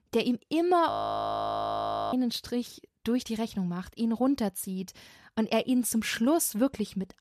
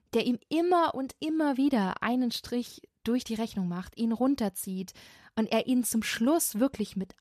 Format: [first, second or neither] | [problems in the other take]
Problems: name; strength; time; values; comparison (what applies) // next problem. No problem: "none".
second | audio freezing; at 1 s for 1 s